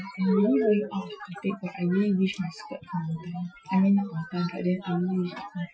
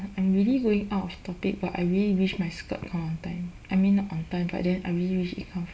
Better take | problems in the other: second | noise reduction (classical method Wiener filter)

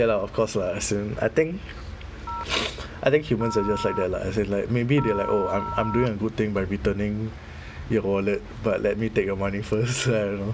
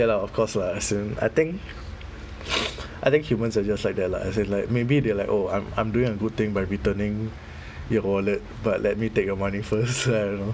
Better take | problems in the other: second | background sound (Telephone); 10 dB below the speech

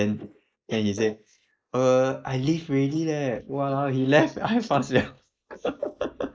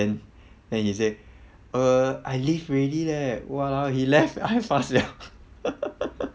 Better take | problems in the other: second | noise reduction (neural mask model Resemble Enhance denoiser)

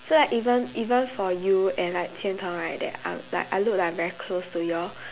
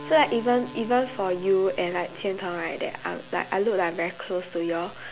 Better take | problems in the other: first | background sound (Acoustic guitar); 20 dB below the speech

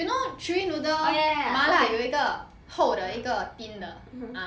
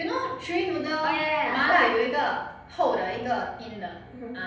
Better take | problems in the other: first | room echo; dies away in 0.8 s

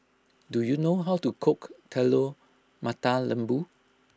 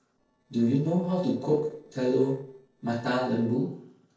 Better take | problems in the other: first | noise reduction (neural separator model SepFormer DNS4)

